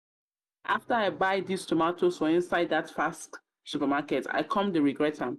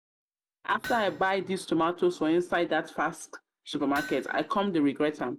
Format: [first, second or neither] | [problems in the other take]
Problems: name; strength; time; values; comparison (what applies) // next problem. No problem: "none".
first | background sound (Hammer); 16 dB below the speech